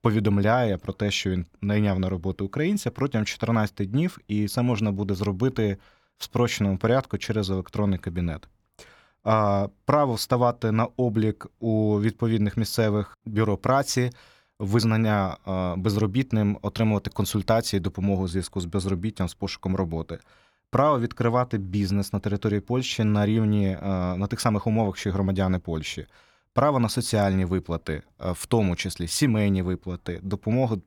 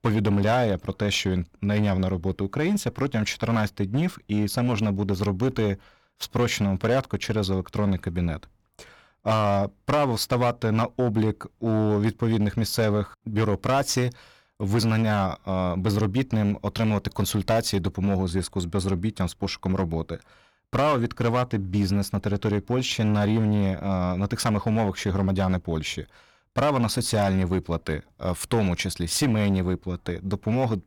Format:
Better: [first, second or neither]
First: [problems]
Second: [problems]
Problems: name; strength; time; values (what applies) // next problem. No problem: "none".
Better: first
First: none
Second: distortion; slight; 11% of the sound clipped